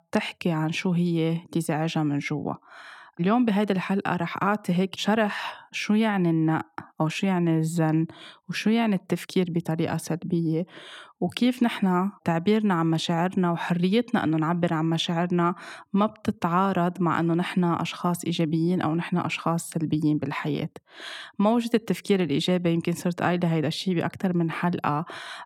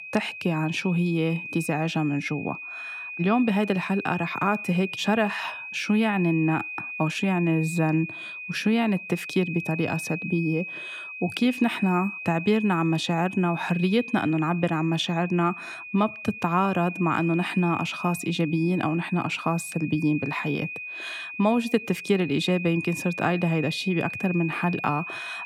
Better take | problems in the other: first | high-pitched whine; loud; throughout; 2.5 kHz, 9 dB below the speech

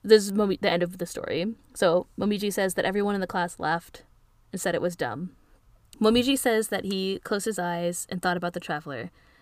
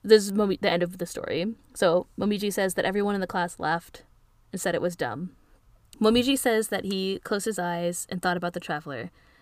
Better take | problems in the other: neither | none

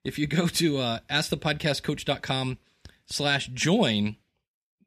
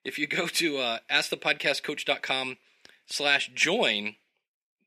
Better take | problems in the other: first | thin; somewhat; fading below 400 Hz

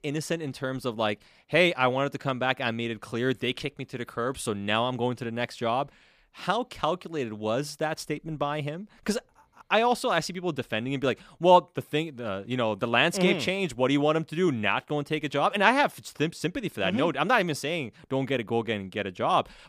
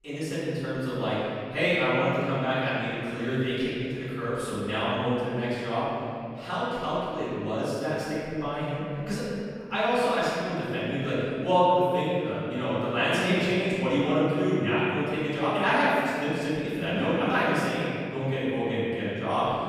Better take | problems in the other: first | off-mic speech; far // room echo; strong; dies away in 2.5 s

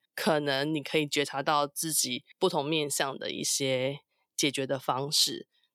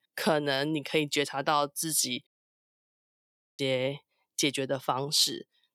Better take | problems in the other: first | audio cutting out; at 2.5 s for 1.5 s

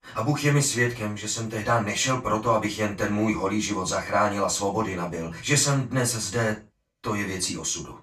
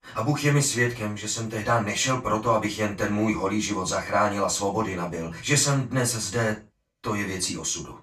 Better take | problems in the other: neither | room echo; slight; dies away in 0.2 s; the same in both // off-mic speech; far; the same in both

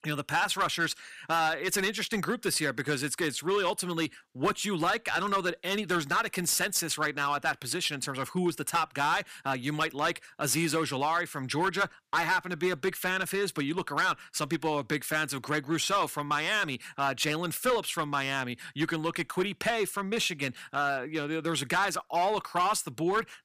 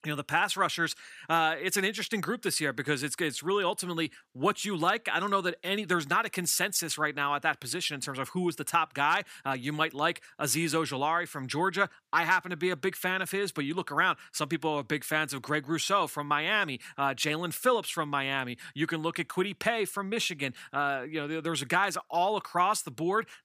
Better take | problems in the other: second | distortion; slight; 5% of the sound clipped

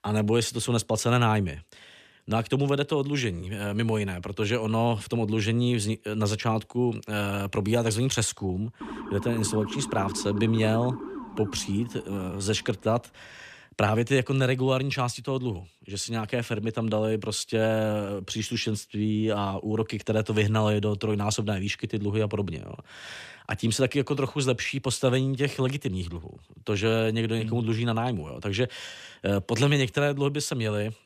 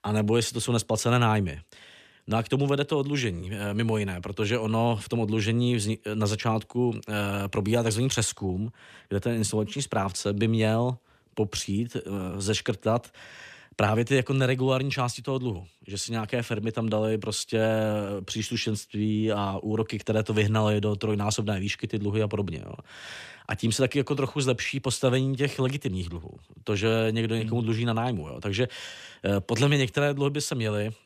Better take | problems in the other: second | siren; noticeable; from 9 to 13 s; peak 9 dB below the speech

